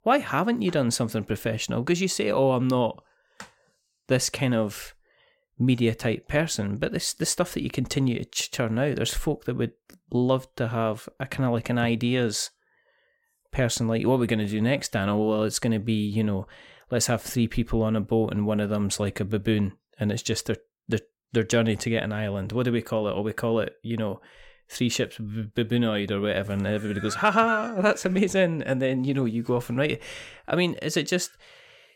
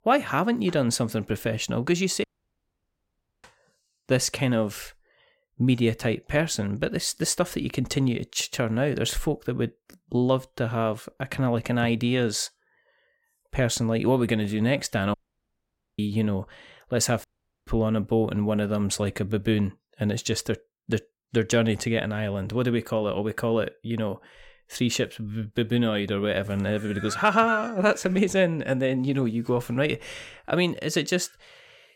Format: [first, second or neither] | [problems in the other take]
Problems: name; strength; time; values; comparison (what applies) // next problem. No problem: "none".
first | audio cutting out; at 2 s for 1 s, at 15 s for 1 s and at 17 s